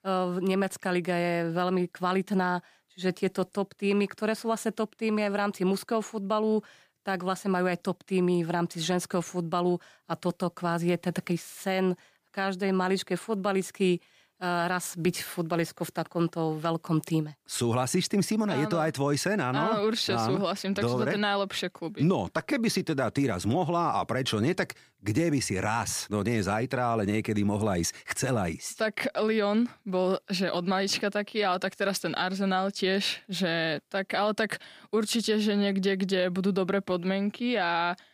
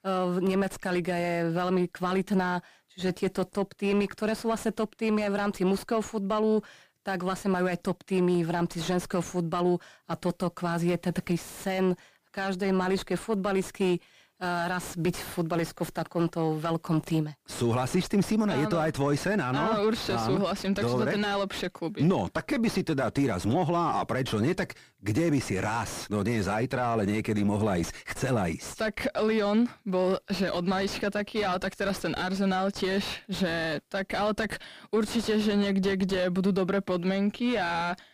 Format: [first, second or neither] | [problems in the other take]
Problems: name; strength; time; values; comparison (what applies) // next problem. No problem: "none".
first | distortion; slight; 9 dB below the speech